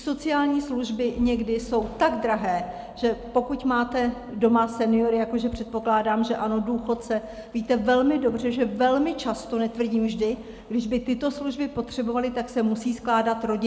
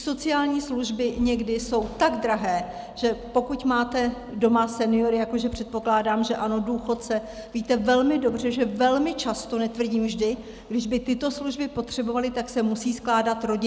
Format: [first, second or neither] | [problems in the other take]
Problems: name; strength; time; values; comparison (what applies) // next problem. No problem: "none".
second | room echo; dies away in 1.8 s